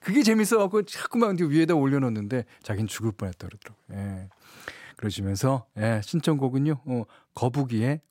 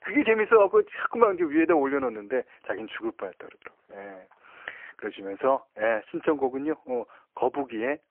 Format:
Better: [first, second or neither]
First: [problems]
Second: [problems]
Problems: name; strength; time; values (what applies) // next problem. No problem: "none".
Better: first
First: none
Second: phone-call audio; poor line; nothing above 3 kHz